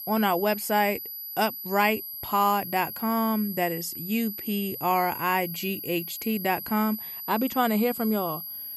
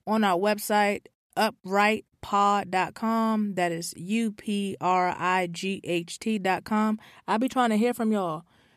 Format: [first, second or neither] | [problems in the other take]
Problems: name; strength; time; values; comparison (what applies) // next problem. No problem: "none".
second | high-pitched whine; loud; throughout; 12 kHz, 7 dB below the speech